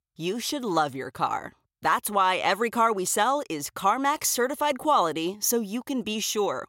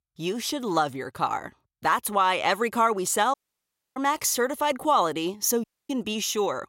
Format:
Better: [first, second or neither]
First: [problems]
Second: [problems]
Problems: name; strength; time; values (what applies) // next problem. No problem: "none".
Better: first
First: none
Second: audio cutting out; at 3.5 s for 0.5 s and at 5.5 s